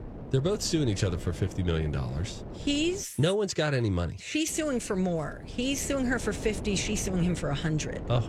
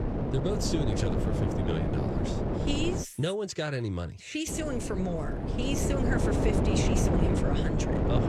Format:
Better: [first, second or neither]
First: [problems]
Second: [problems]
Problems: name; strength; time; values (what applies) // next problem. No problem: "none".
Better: first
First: wind noise on the microphone; occasional gusts; until 3 s and from 4.5 s on; 15 dB below the speech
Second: wind noise on the microphone; heavy; until 3 s and from 4.5 s on; 1 dB above the speech